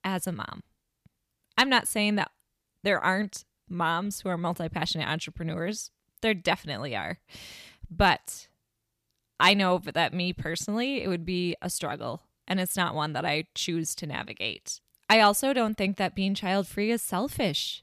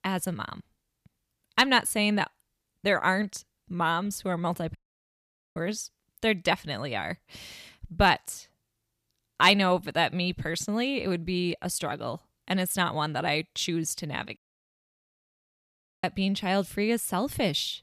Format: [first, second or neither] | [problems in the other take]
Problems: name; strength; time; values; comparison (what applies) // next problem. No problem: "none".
first | audio cutting out; at 5 s for 1 s and at 14 s for 1.5 s